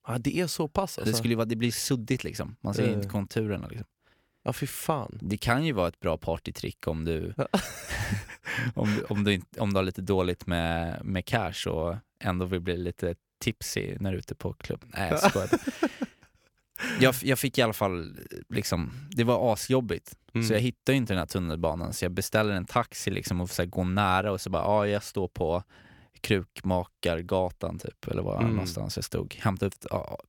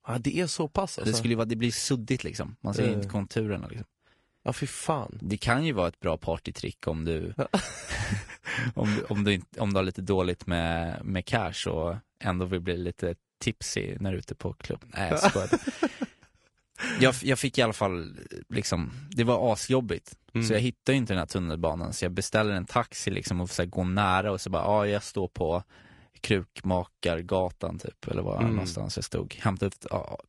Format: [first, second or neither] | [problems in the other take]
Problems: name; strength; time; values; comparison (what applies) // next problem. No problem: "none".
first | garbled, watery; slightly; nothing above 11.5 kHz